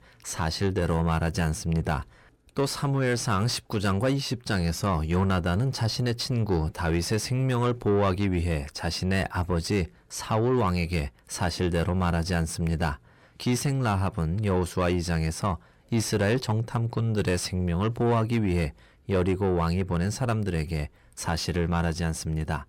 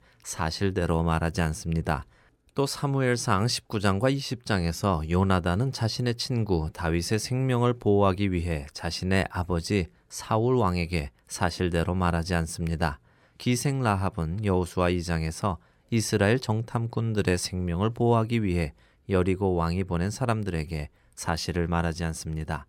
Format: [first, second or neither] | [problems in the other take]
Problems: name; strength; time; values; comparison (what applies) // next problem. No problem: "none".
second | distortion; slight; 10 dB below the speech